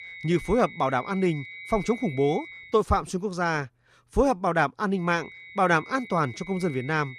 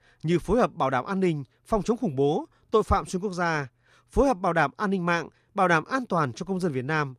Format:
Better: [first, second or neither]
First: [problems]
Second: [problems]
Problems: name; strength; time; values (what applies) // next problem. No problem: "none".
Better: second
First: high-pitched whine; noticeable; until 2.5 s and from 5 s on; 2 kHz, 15 dB below the speech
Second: none